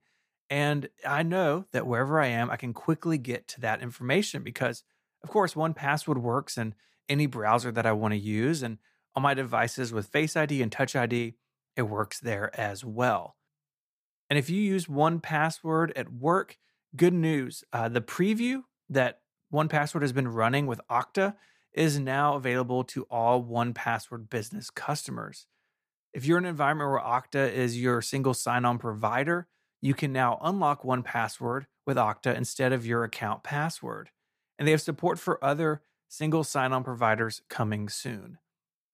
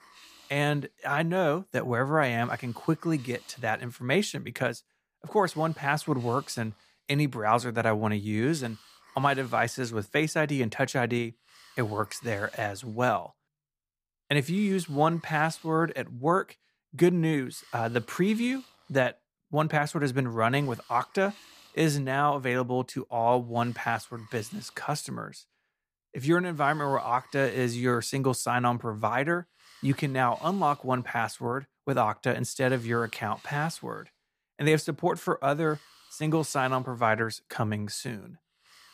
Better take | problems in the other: first | hiss; faint; throughout; 25 dB below the speech

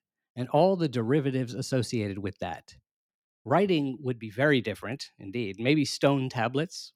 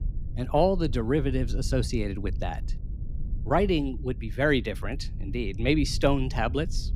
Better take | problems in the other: first | low rumble; faint; throughout; 25 dB below the speech

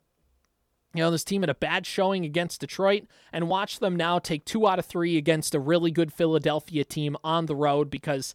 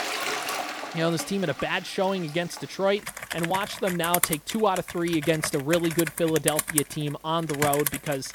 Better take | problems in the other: first | household noises; loud; throughout; 3 dB below the speech

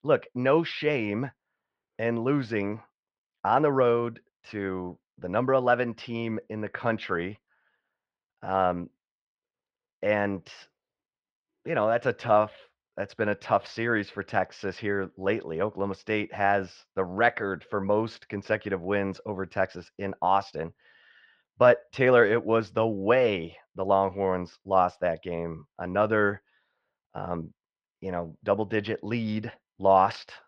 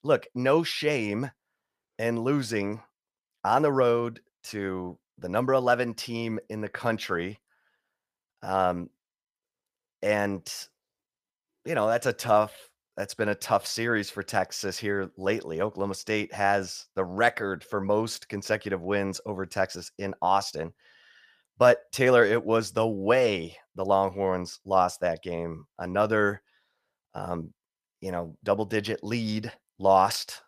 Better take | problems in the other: second | muffled; slightly; fading above 3 kHz

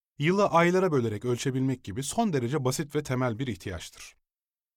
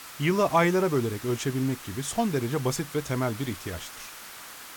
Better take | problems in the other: first | hiss; noticeable; throughout; 15 dB below the speech

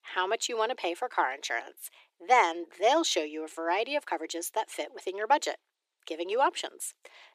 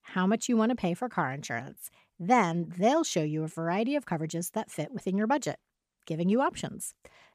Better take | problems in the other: second | thin; very; fading below 350 Hz

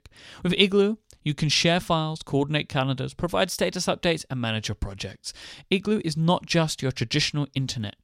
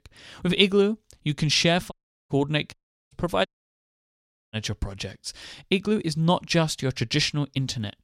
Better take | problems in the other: first | audio cutting out; at 2 s, at 2.5 s and at 3.5 s for 1 s

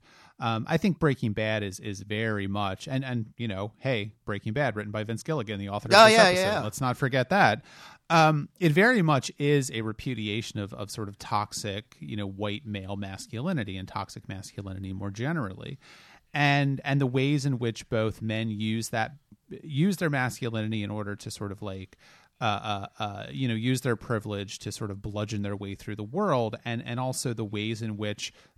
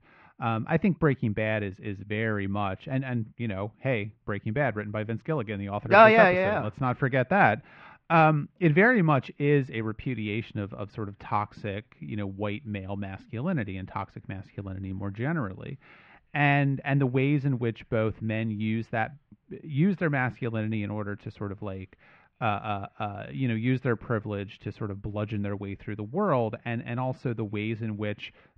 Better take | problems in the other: first | muffled; very; fading above 2.5 kHz

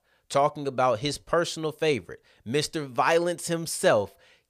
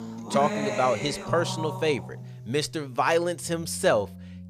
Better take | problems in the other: first | background music; loud; throughout; 8 dB below the speech

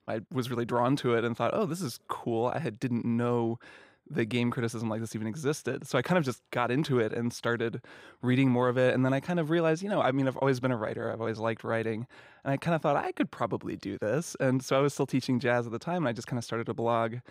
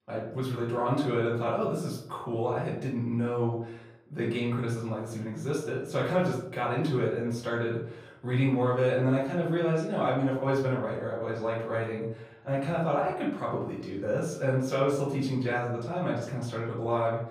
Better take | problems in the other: first | room echo; noticeable; dies away in 0.6 s // off-mic speech; far

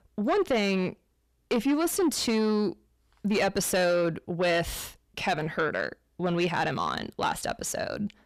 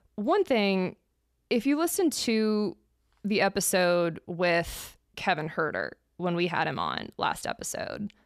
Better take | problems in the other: second | distortion; slight; 9 dB below the speech

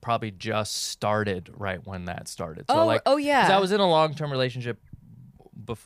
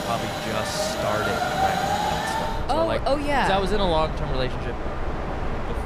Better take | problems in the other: first | train or aircraft noise; loud; throughout; 1 dB below the speech

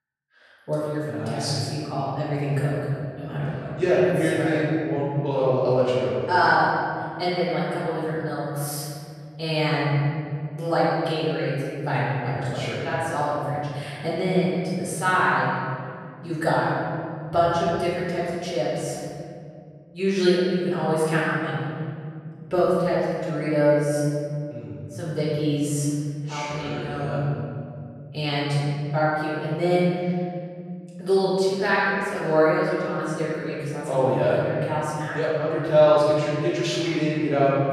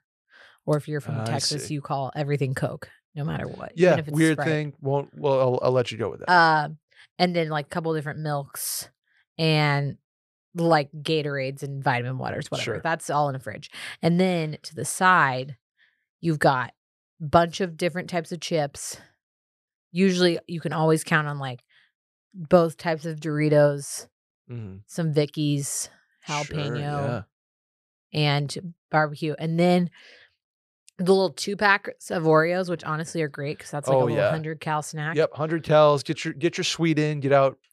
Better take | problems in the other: second | off-mic speech; far // room echo; strong; dies away in 2.2 s

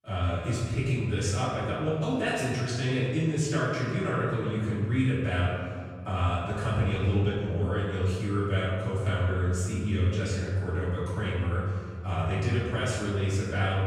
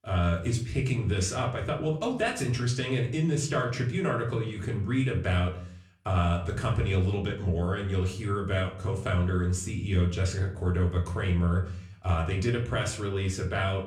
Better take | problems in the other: second | room echo; strong; dies away in 1.8 s; slight in the second // off-mic speech; far; far in the second

